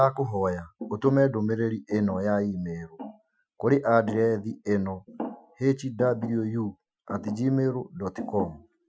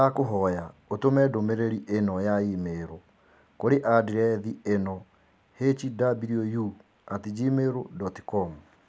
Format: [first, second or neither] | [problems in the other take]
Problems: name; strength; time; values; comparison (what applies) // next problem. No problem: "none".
second | noise reduction (classical method Wiener filter)